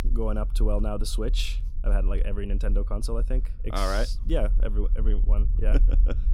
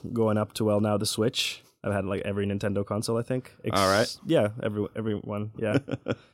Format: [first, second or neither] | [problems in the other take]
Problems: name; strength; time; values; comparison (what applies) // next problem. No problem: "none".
second | low rumble; noticeable; throughout; 15 dB below the speech